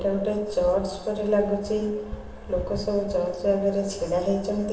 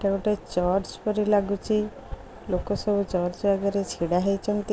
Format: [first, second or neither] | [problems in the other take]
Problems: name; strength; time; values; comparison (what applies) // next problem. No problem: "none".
second | room echo; dies away in 1.1 s